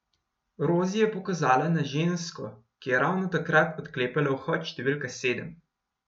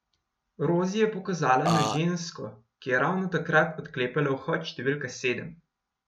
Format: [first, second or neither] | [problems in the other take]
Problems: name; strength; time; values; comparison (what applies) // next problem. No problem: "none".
first | background sound (Burping, eructation); 2 dB above the speech